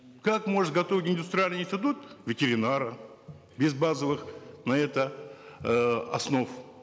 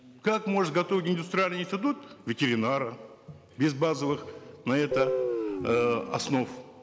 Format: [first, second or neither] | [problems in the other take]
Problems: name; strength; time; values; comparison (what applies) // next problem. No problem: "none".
first | background sound (Guitar); 3 dB below the speech